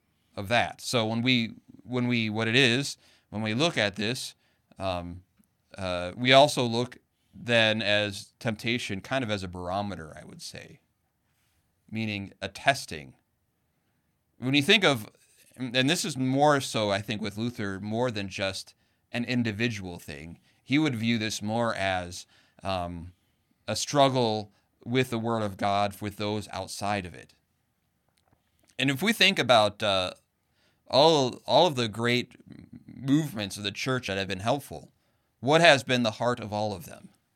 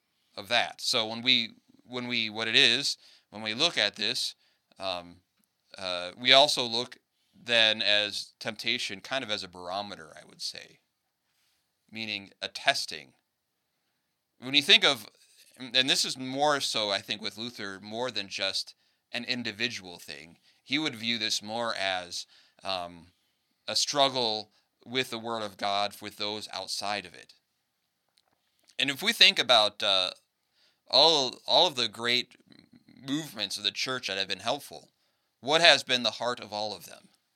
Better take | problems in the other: first | thin; very slightly; fading below 1 kHz

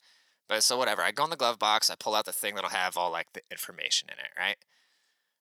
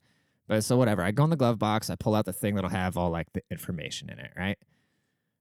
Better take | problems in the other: second | thin; very; fading below 850 Hz

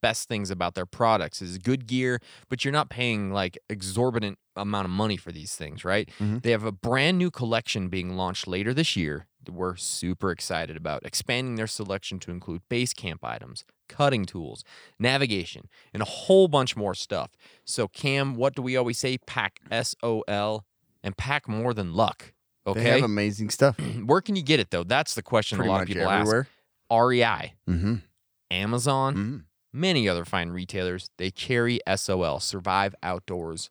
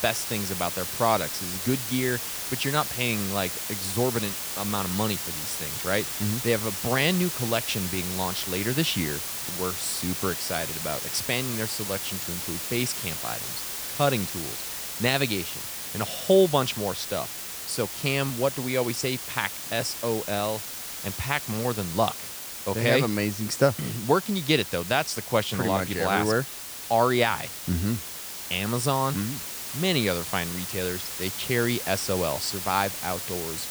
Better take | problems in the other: first | hiss; loud; throughout; 4 dB below the speech

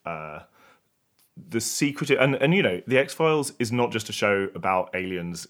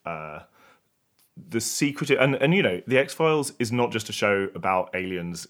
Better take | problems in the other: neither | none

